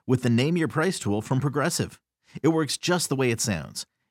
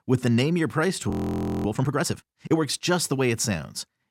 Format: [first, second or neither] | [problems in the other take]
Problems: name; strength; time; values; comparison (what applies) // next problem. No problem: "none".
first | audio freezing; at 1 s for 0.5 s